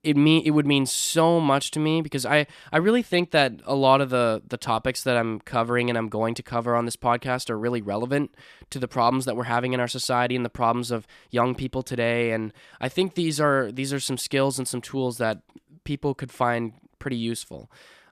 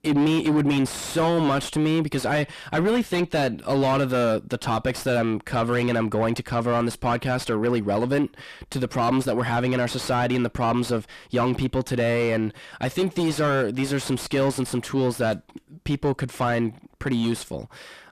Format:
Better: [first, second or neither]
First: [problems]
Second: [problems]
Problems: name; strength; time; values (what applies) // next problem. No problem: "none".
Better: first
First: none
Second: distortion; heavy; 5 dB below the speech